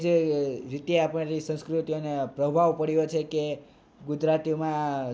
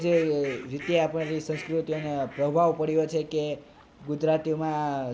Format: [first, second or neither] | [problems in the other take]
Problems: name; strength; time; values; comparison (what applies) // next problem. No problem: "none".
first | background sound (Fowl); 19 dB below the speech